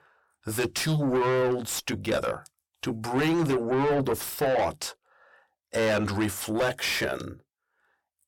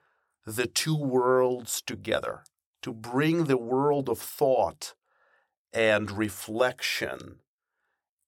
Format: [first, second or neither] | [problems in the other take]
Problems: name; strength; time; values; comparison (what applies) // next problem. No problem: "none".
second | distortion; heavy; 6 dB below the speech